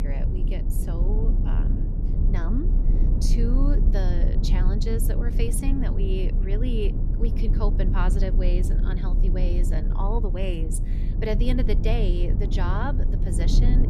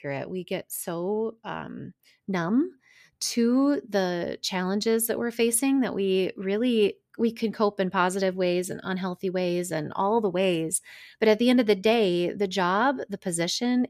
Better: second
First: low rumble; loud; throughout; 5 dB below the speech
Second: none

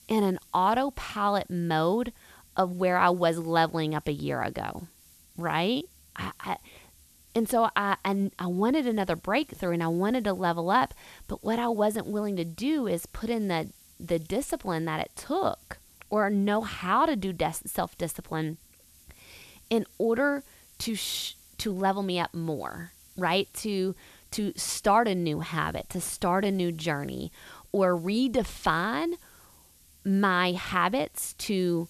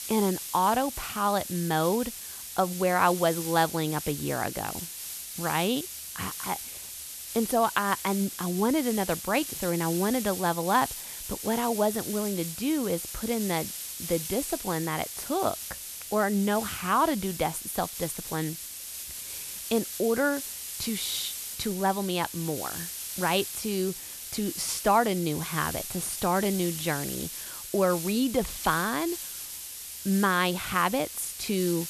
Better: first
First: hiss; faint; throughout; 25 dB below the speech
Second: hiss; loud; throughout; 7 dB below the speech

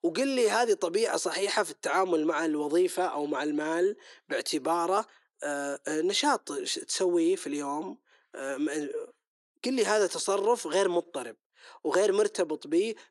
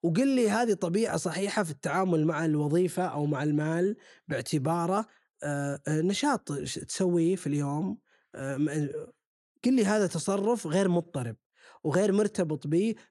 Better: second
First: thin; somewhat; fading below 350 Hz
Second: none

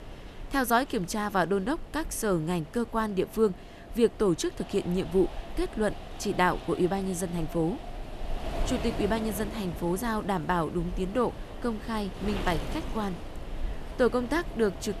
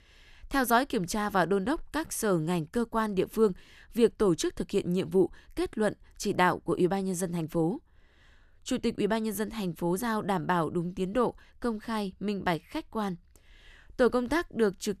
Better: second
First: wind noise on the microphone; occasional gusts; 15 dB below the speech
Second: none

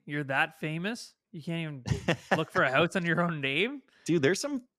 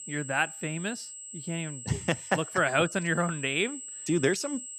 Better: first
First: none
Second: high-pitched whine; noticeable; throughout; 7.5 kHz, 10 dB below the speech

